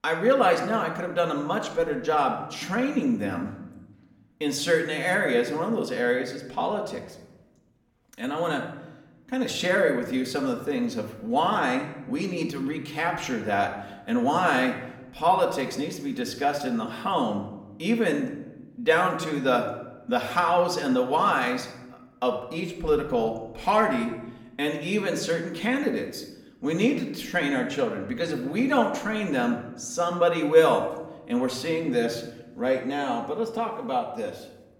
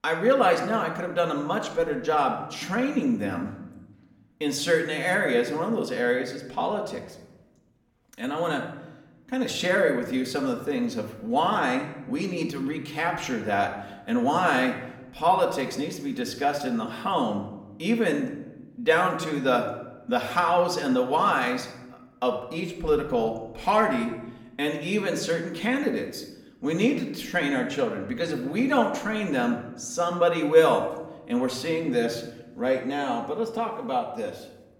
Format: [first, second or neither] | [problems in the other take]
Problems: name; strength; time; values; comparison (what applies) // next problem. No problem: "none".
neither | room echo; slight; dies away in 0.8 s; the same in both // off-mic speech; somewhat distant; the same in both